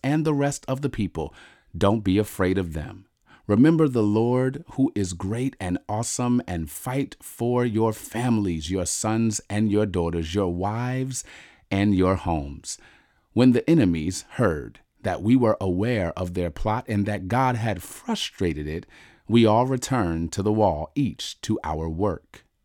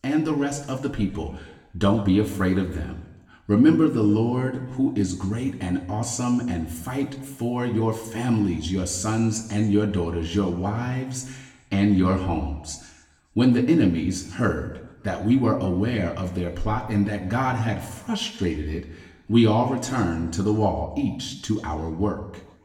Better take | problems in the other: first | room echo; slight; dies away in 1 s // off-mic speech; somewhat distant

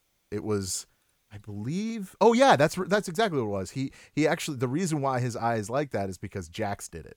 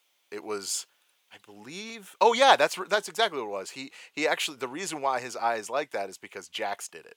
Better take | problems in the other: first | thin; somewhat; fading below 500 Hz

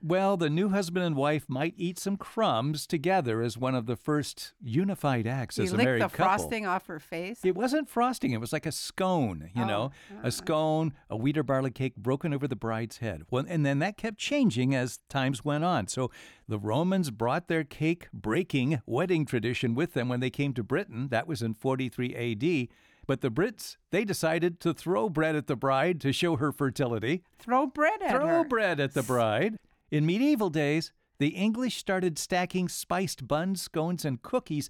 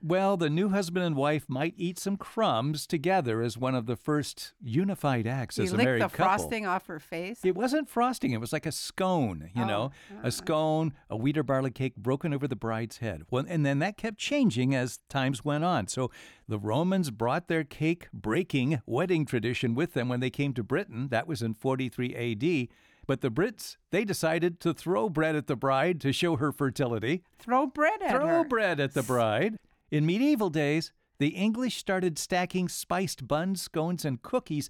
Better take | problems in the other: neither | none

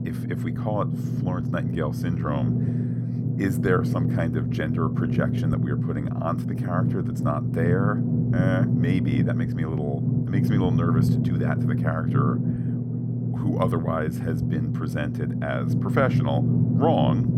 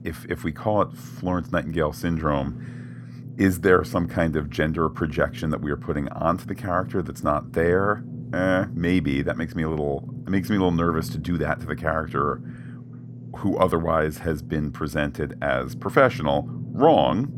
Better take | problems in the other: second | low rumble; loud; throughout; 3 dB below the speech; faint in the second

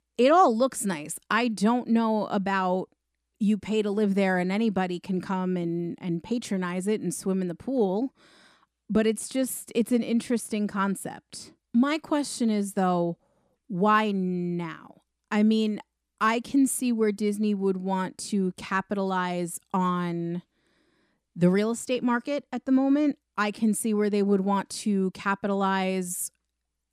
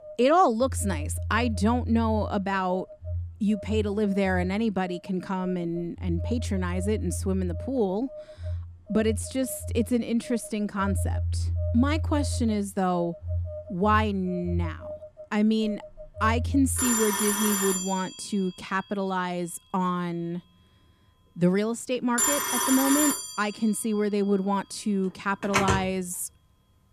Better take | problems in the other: first | alarms or sirens; loud; throughout; 3 dB below the speech

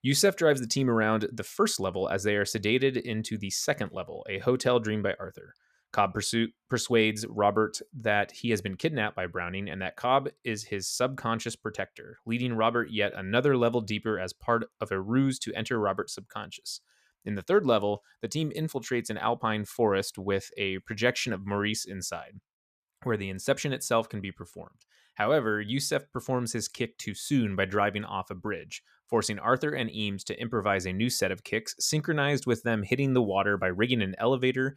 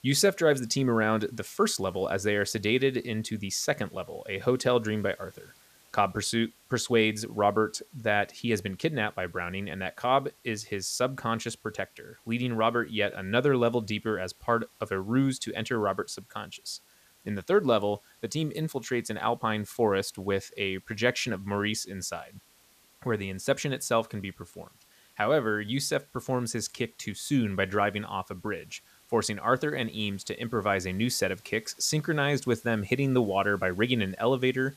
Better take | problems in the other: first | hiss; faint; throughout; 30 dB below the speech

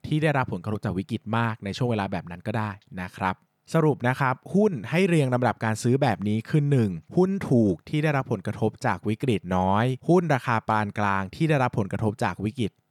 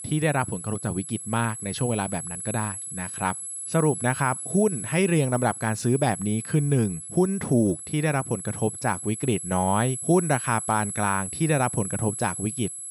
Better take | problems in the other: first | high-pitched whine; loud; throughout; 11 kHz, 7 dB below the speech

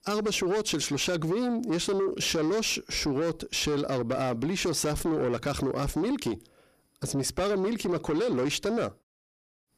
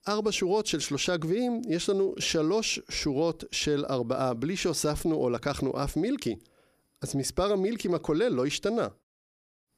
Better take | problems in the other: second | distortion; slight; 10 dB below the speech

